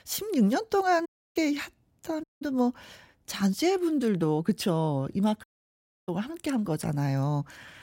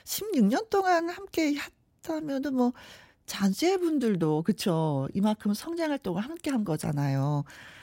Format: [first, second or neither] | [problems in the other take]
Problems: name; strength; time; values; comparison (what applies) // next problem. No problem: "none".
second | audio cutting out; at 1 s, at 2 s and at 5.5 s for 0.5 s